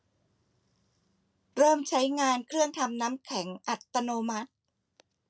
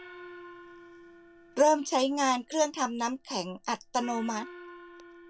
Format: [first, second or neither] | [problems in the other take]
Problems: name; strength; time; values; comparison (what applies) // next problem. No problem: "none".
first | background sound (Gong); 19 dB below the speech